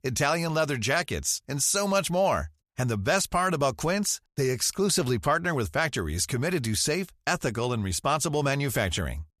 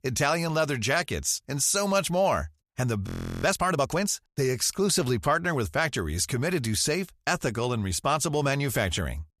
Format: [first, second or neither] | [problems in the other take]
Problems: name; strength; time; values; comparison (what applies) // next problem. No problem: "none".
first | audio freezing; at 3 s